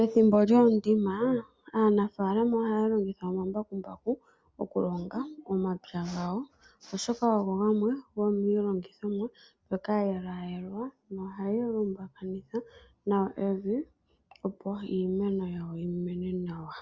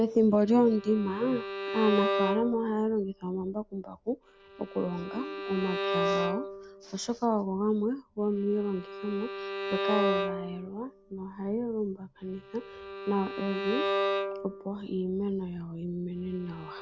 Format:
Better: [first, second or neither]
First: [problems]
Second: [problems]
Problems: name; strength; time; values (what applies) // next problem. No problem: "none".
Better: first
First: none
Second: background sound (Bowed string instrument); 5 dB below the speech